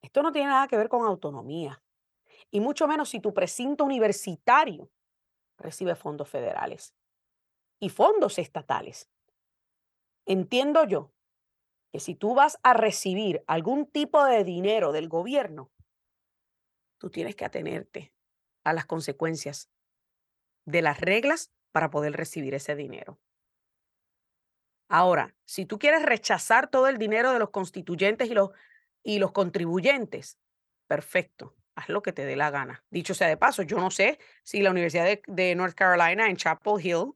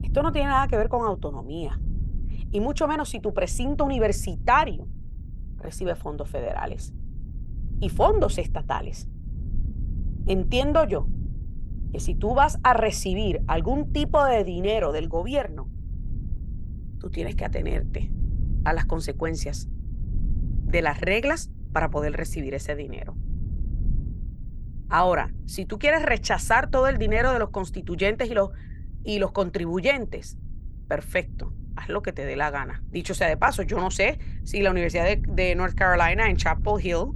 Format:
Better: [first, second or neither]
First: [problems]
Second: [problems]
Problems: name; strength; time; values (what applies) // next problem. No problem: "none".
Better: first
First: none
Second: low rumble; faint; throughout; 25 dB below the speech